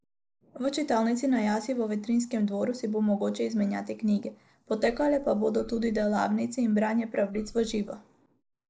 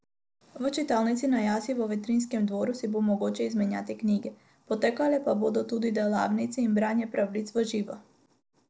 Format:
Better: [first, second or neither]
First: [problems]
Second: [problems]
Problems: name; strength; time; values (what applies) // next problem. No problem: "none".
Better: second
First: noise reduction (neural mask model Resemble Enhance denoiser)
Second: none